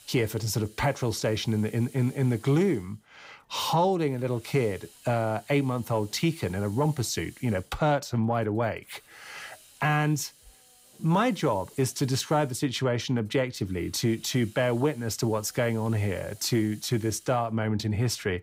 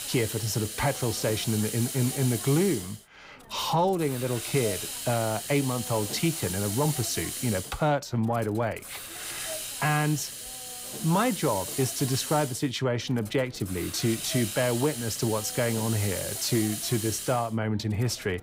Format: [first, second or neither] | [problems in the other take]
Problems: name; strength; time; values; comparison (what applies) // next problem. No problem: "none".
first | hiss; loud; throughout; 5 dB below the speech; faint in the first